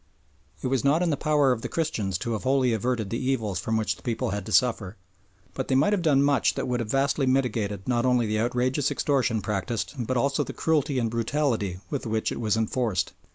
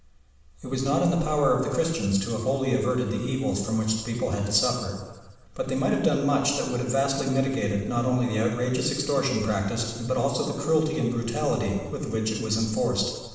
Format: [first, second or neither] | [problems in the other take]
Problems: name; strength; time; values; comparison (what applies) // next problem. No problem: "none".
first | room echo; dies away in 1.2 s